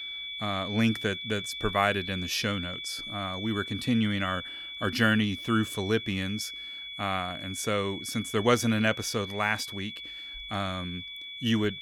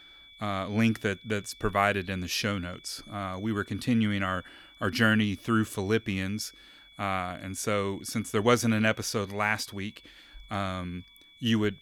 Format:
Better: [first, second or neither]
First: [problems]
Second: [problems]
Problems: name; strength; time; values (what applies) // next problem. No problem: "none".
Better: second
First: high-pitched whine; loud; throughout; 3.5 kHz, 7 dB below the speech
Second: high-pitched whine; faint; throughout; 3.5 kHz, 25 dB below the speech